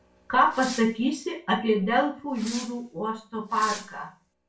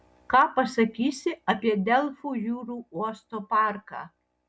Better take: second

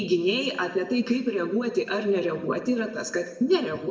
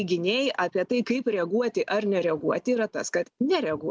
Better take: second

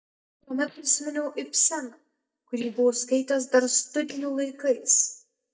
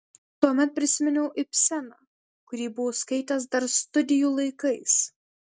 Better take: second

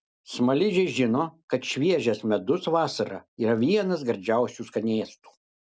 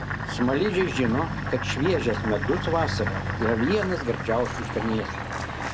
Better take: first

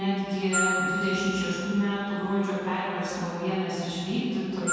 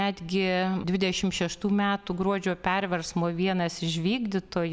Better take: second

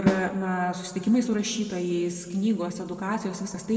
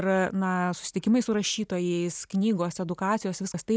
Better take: second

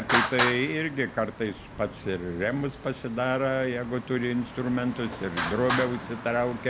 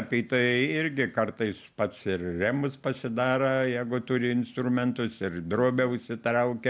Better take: second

